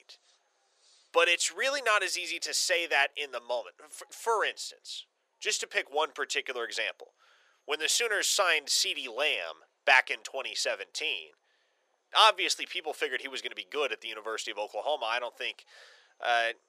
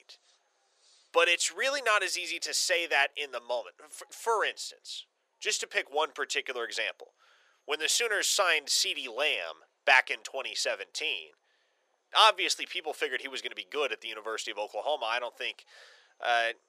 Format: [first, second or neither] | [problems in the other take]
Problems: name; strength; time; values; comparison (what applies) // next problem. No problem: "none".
neither | thin; very; fading below 450 Hz; the same in both